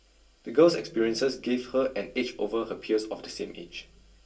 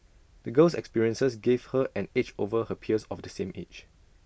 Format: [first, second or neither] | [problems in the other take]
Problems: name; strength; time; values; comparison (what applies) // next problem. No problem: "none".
second | room echo; dies away in 0.2 s